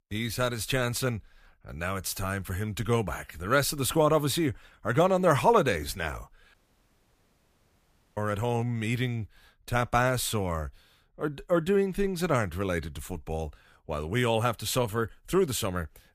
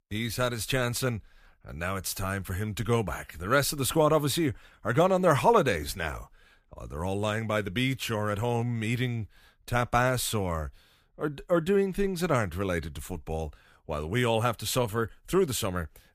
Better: second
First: audio cutting out; at 6.5 s for 1.5 s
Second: none

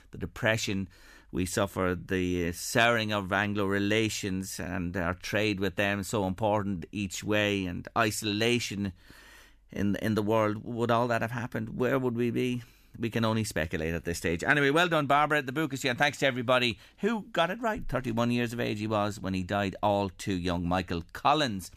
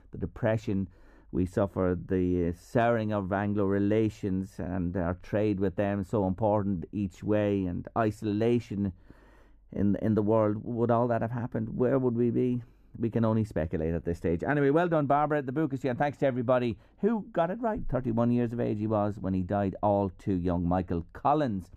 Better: first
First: none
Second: muffled; very; fading above 1.5 kHz

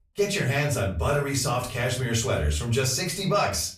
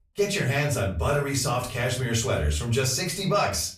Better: neither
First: off-mic speech; far // room echo; slight; dies away in 0.3 s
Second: off-mic speech; far // room echo; slight; dies away in 0.3 s

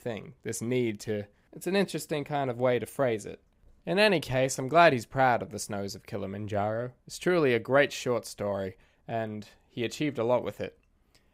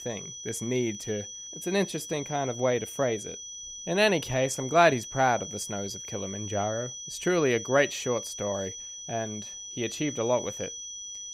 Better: first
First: none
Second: high-pitched whine; loud; throughout; 6 kHz, 9 dB below the speech

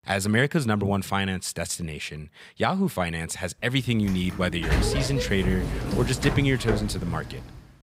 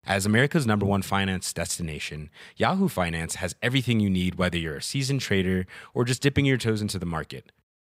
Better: second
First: door banging; loud; from 4 s on; peak 1 dB above the speech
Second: none

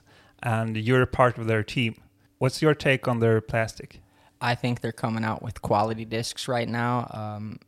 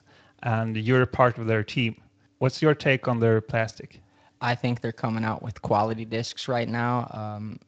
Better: first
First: none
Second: garbled, watery; slightly; nothing above 7.5 kHz

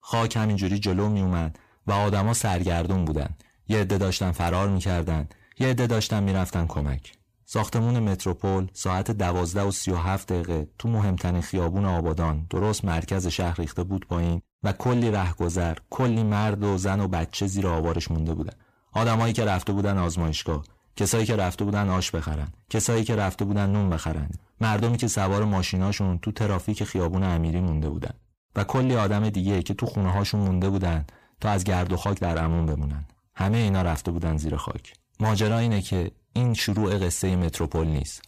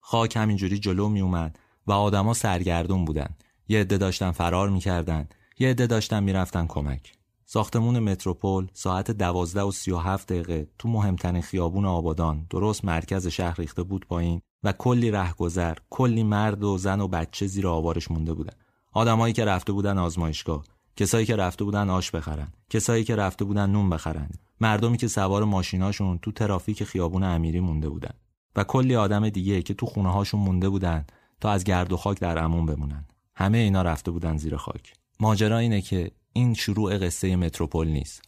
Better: second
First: distortion; slight; 10 dB below the speech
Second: none

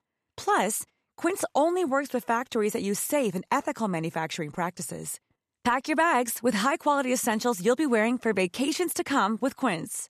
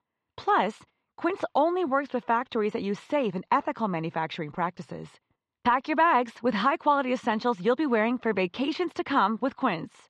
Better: first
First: none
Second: muffled; slightly; fading above 4 kHz

